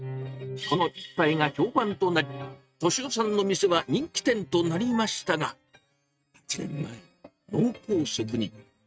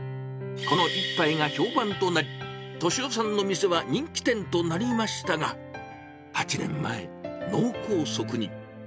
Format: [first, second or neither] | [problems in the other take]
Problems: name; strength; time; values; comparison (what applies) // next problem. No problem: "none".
second | noise reduction (neural mask model RNNoise)